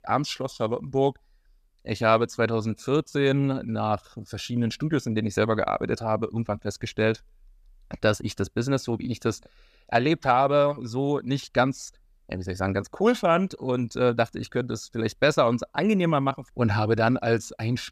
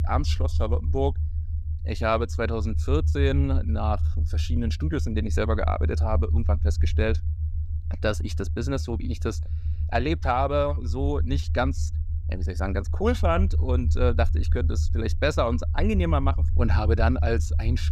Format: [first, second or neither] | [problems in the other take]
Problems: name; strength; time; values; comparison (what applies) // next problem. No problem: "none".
first | low rumble; noticeable; throughout; 15 dB below the speech